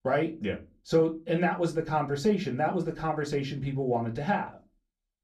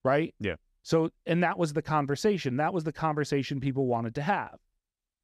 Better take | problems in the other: second | off-mic speech; far // room echo; very slight; dies away in 0.2 s

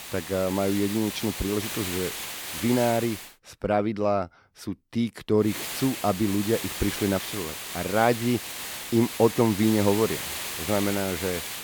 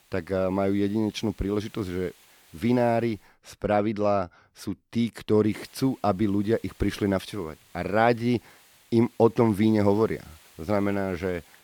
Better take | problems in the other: second | hiss; loud; until 3.5 s and from 5.5 s on; 6 dB below the speech; faint in the second

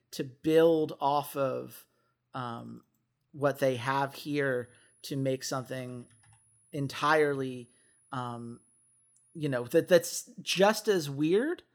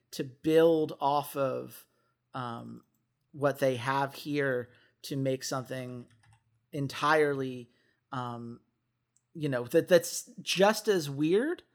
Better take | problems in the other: second | high-pitched whine; faint; from 4 to 10 s; 10.5 kHz, 35 dB below the speech

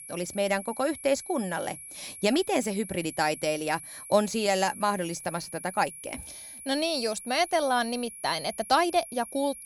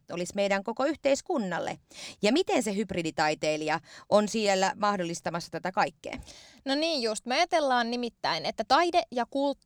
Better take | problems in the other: second | high-pitched whine; noticeable; throughout; 10 kHz, 15 dB below the speech

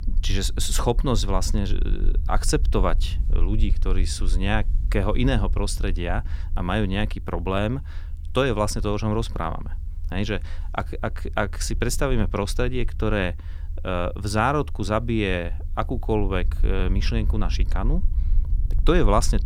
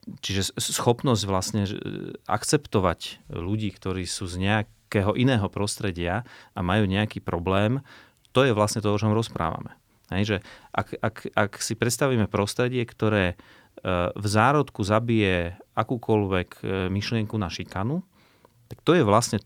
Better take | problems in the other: second | low rumble; faint; throughout; 25 dB below the speech

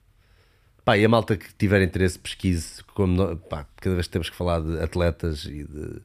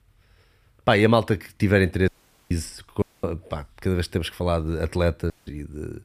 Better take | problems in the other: first | audio cutting out; at 2 s, at 3 s and at 5.5 s

